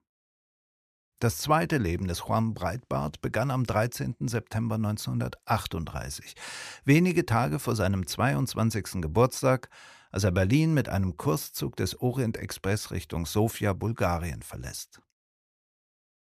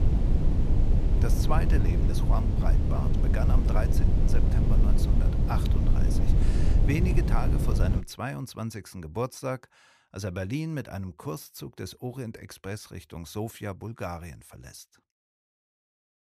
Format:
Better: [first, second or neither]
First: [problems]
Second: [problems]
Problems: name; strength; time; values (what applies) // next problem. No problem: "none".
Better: first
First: none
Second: wind noise on the microphone; heavy; until 8 s; 1 dB below the speech